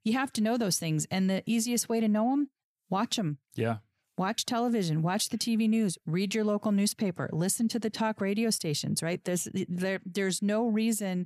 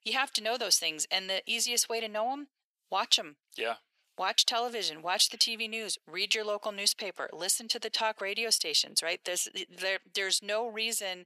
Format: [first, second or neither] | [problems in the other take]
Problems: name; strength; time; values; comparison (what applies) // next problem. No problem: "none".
first | thin; very; fading below 500 Hz